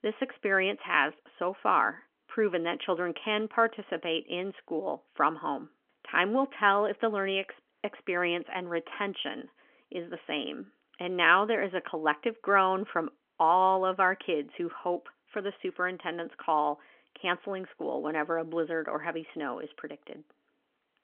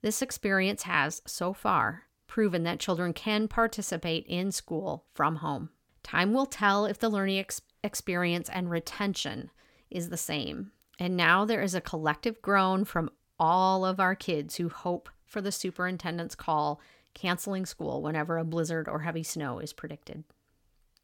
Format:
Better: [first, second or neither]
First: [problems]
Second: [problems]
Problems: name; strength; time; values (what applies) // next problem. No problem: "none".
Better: second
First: phone-call audio; nothing above 3.5 kHz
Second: none